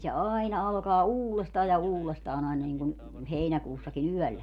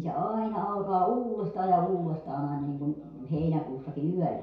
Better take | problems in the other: first | room echo; dies away in 0.5 s

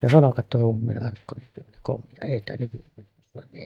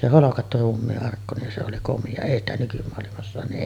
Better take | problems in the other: second | noise reduction (neural mask model DeepFilterNet 3)

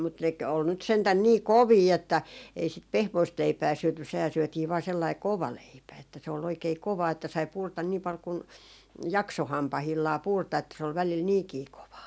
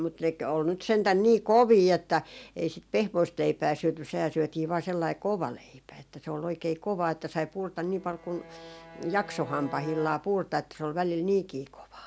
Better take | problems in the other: first | background sound (Bowed string instrument); 17 dB below the speech

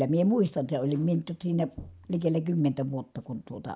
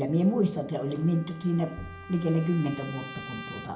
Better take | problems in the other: first | background sound (Trumpet); 17 dB below the speech // room echo; dies away in 0.5 s

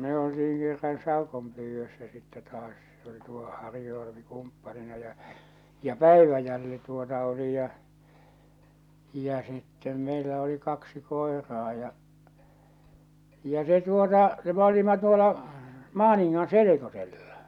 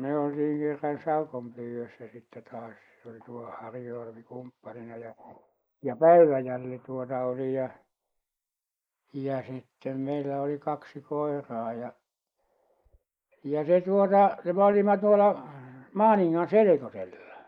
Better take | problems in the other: first | noise reduction (neural mask model Resemble Enhance denoiser)

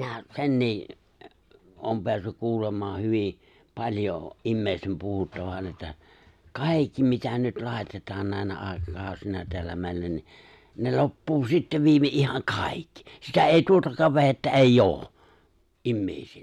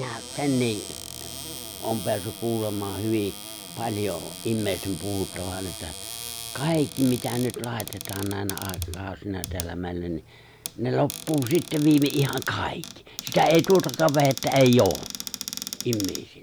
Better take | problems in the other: first | background sound (Cupboard open or close); 12 dB below the speech

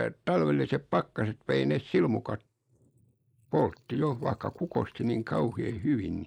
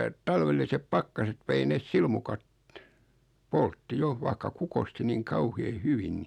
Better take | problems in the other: second | noise reduction (neural mask model Resemble Enhance denoiser)

